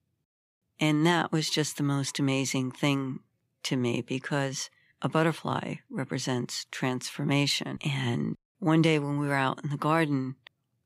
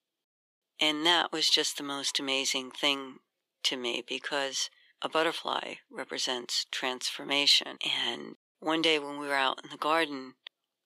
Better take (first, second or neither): first